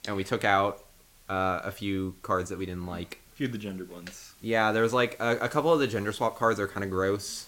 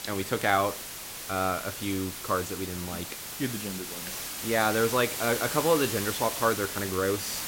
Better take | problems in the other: first | hiss; loud; throughout; 5 dB below the speech; faint in the first

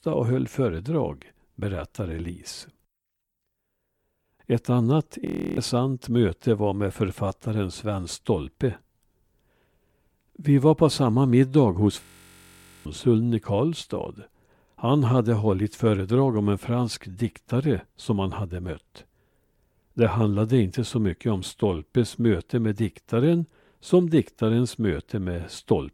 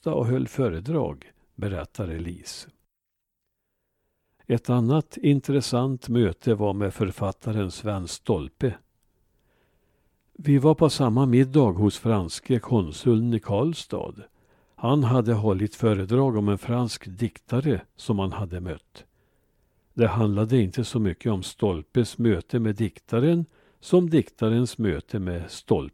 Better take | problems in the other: second | audio freezing; at 5.5 s and at 12 s for 1 s

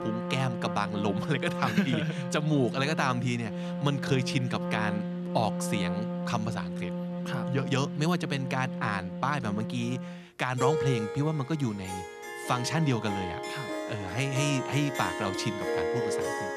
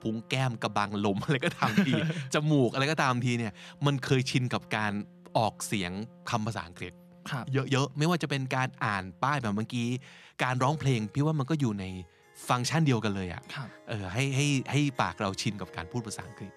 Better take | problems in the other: second | background music; loud; throughout; 3 dB below the speech; faint in the second

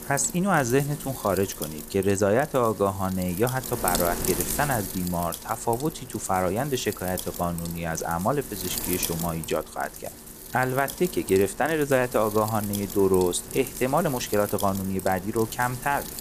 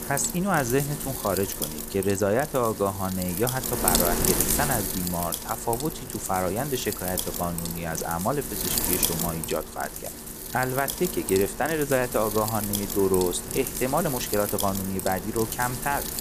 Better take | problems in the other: first | wind noise on the microphone; heavy; 4 dB below the speech; occasional gusts in the first

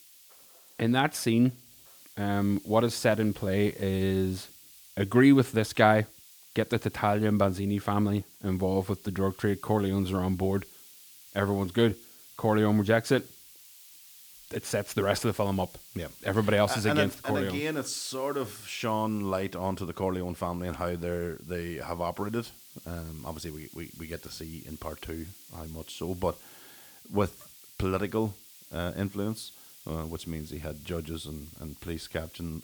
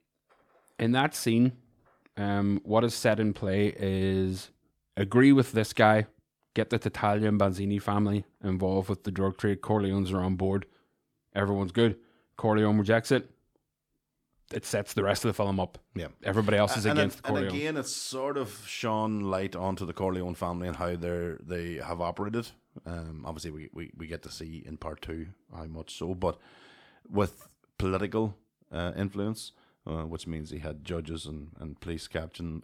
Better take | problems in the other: second | hiss; faint; throughout; 20 dB below the speech

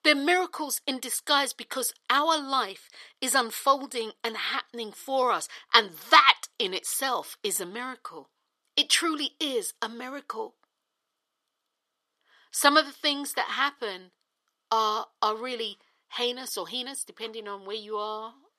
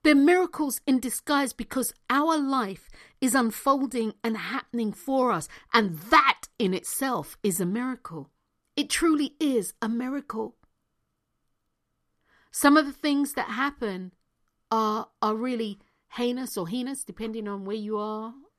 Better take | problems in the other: second | thin; somewhat; fading below 550 Hz

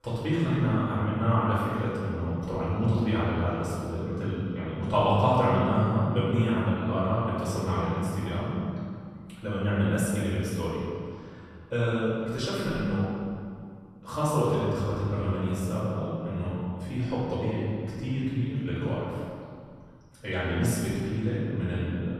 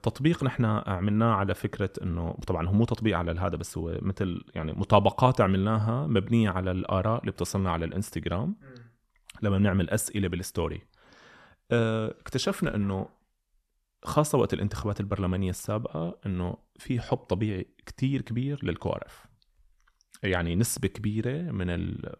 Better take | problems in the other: second | room echo; strong; dies away in 2 s // off-mic speech; far

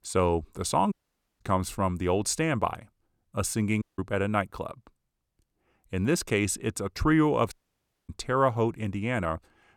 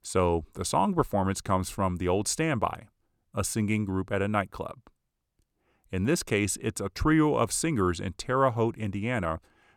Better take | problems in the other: second | audio cutting out; at 1 s, at 4 s and at 7.5 s for 0.5 s

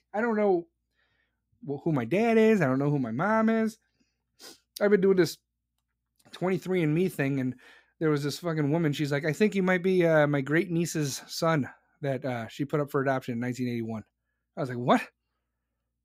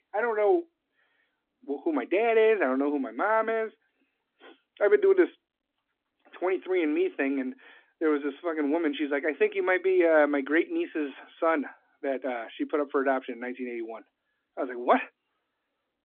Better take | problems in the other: first | phone-call audio; nothing above 3.5 kHz

